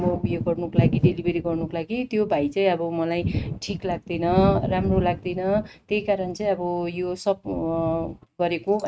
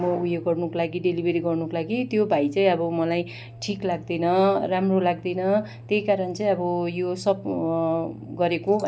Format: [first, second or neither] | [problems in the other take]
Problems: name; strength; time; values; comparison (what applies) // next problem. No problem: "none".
second | noise reduction (neural mask model RNNoise)